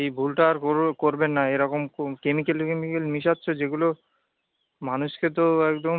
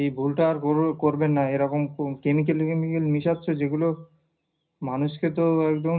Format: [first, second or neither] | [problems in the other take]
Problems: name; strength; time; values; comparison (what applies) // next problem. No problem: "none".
first | room echo; dies away in 0.4 s